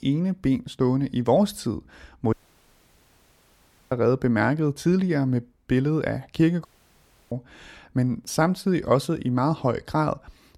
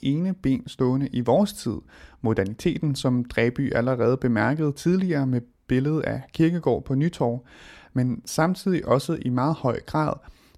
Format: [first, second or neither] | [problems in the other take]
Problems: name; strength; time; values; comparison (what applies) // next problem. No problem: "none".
second | audio cutting out; at 2.5 s for 1.5 s and at 6.5 s for 0.5 s